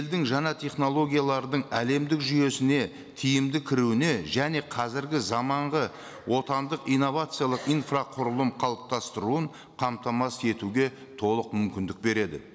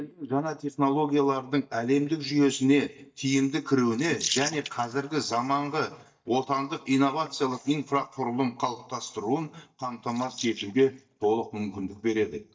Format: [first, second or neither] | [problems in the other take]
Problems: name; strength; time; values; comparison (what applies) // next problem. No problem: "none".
first | noise reduction (neural mask model DeepFilterNet 3)